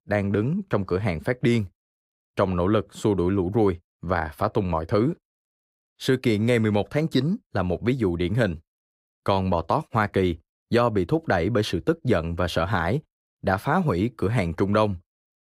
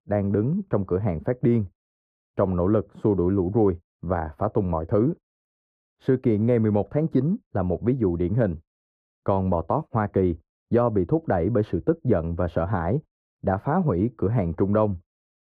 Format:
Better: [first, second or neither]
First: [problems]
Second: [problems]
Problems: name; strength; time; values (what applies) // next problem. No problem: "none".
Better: first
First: none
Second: muffled; very; fading above 2 kHz